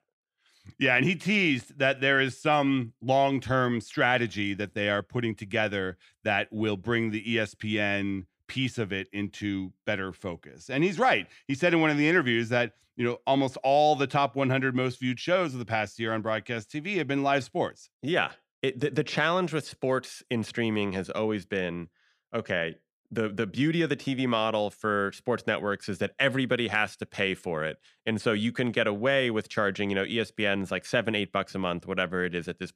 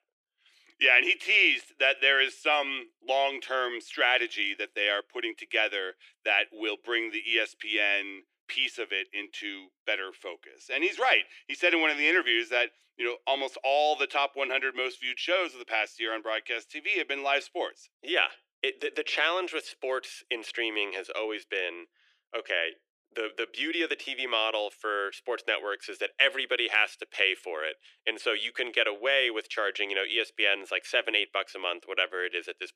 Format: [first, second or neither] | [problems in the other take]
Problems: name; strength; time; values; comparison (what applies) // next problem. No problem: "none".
first | thin; very; fading below 350 Hz